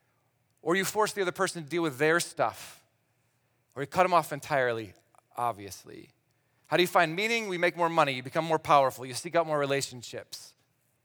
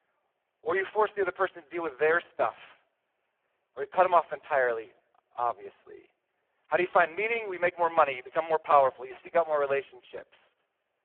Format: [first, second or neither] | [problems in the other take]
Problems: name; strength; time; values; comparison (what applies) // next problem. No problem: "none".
first | phone-call audio; poor line